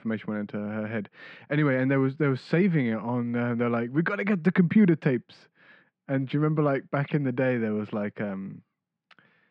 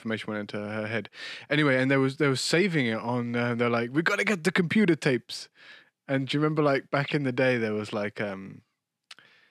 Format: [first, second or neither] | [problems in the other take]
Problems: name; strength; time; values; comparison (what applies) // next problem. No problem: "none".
second | muffled; very; fading above 2 kHz